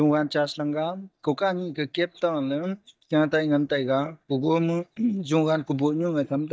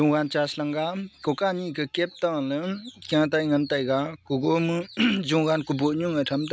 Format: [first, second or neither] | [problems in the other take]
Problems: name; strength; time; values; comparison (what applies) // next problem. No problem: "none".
second | noise reduction (neural mask model DeepFilterNet 3)